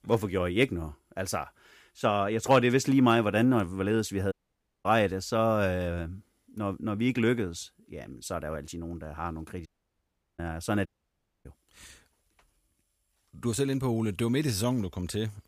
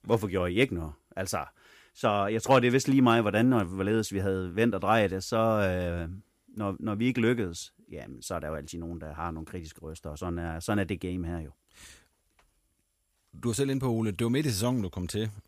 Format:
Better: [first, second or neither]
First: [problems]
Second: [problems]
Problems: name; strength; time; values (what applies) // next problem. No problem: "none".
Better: second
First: audio cutting out; at 4.5 s for 0.5 s, at 9.5 s for 0.5 s and at 11 s for 0.5 s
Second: none